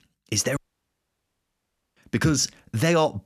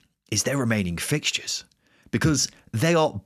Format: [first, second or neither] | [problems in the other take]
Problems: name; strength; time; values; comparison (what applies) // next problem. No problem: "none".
second | audio cutting out; at 0.5 s for 1.5 s